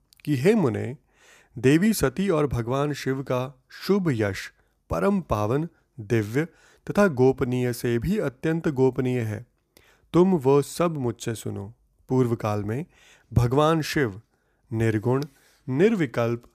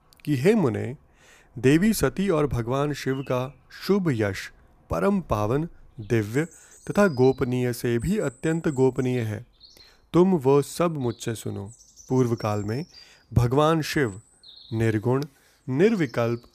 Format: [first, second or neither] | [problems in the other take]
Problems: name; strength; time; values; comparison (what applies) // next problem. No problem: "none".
first | animal sounds; faint; throughout; 25 dB below the speech